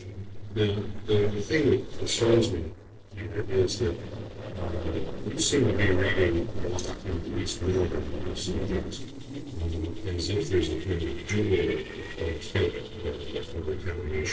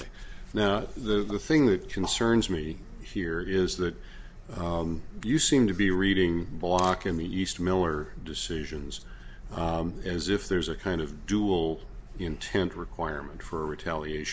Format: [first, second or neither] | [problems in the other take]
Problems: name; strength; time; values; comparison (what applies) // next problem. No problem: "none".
second | noise reduction (neural separator model SepFormer DNS4)